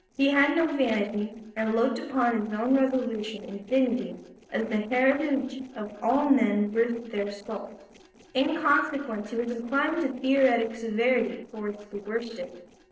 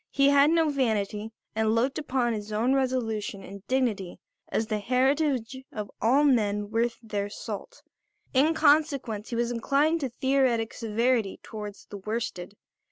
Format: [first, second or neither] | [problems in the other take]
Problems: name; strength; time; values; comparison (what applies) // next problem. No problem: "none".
second | noise reduction (neural separator model SepFormer DNS4)